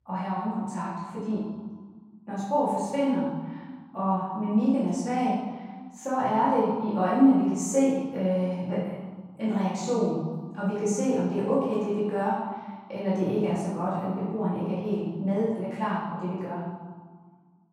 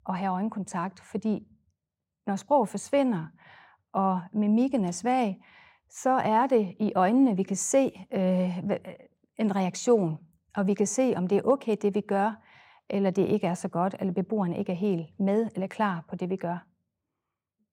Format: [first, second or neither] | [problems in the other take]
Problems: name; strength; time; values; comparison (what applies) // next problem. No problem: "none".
second | off-mic speech; far // room echo; strong; dies away in 1.3 s